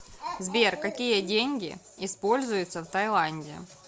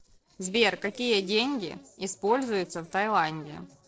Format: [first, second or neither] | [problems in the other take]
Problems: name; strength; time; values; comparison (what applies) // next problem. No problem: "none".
first | noise reduction (neural separator model SepFormer DNS4)